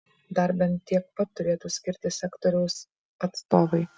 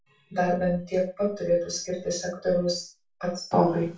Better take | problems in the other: first | room echo; dies away in 0.3 s

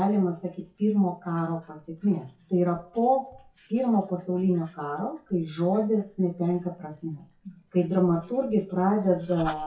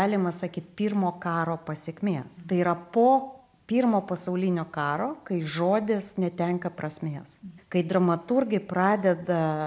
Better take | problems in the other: second | noise reduction (classical method WPE with log-MMSE)

